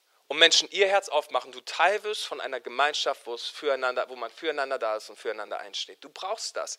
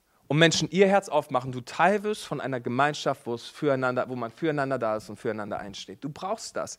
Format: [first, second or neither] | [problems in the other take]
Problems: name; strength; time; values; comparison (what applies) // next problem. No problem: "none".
second | thin; very; fading below 450 Hz